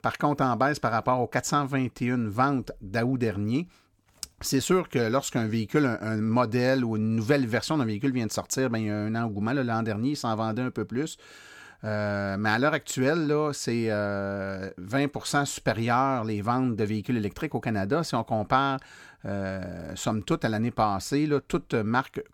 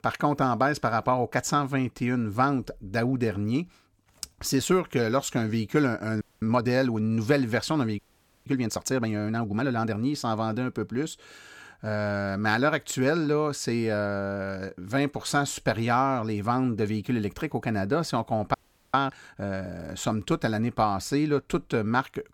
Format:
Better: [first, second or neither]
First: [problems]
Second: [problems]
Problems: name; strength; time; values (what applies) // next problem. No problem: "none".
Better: first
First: none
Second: audio freezing; at 6 s, at 8 s and at 19 s